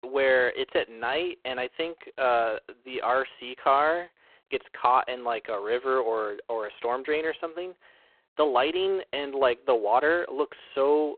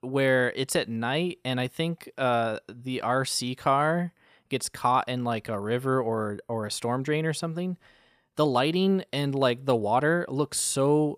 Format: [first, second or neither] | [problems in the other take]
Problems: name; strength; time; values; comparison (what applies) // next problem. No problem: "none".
second | phone-call audio; poor line